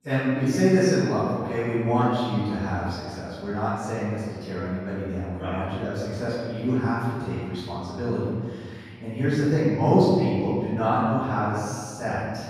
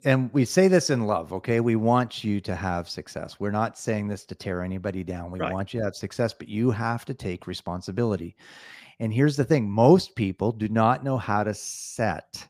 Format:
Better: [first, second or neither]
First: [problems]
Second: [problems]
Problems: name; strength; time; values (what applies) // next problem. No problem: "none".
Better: second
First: off-mic speech; far // room echo; strong; dies away in 1.8 s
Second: none